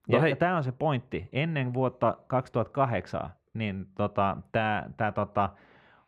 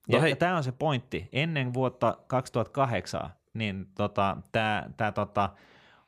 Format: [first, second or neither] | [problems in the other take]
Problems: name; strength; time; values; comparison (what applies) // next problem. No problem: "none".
second | muffled; slightly; fading above 4 kHz